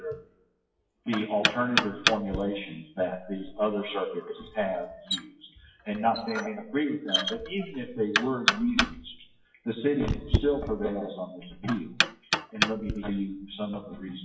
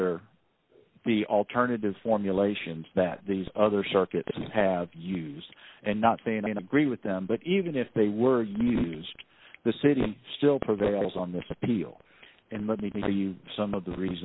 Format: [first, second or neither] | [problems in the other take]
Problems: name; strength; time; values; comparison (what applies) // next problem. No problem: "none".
second | noise reduction (classical method WPE with log-MMSE)